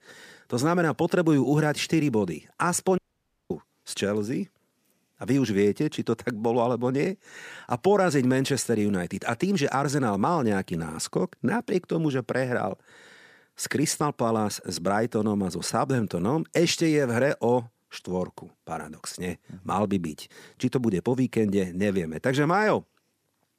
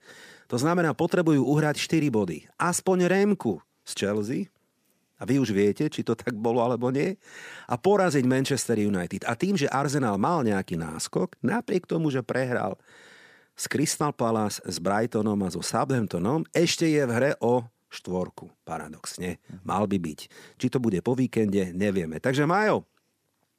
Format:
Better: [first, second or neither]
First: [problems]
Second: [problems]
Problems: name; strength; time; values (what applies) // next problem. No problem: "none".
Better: second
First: audio cutting out; at 3 s for 0.5 s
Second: none